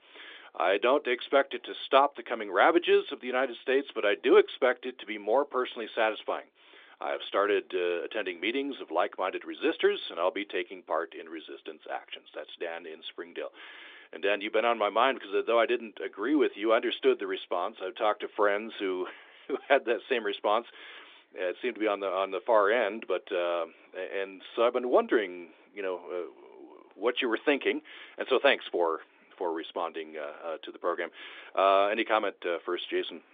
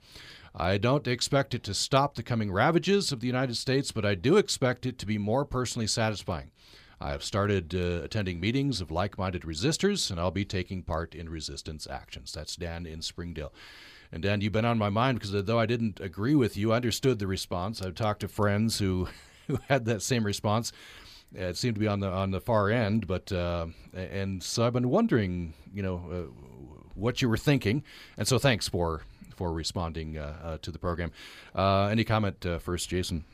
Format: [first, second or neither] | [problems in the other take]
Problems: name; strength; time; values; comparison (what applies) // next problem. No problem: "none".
second | phone-call audio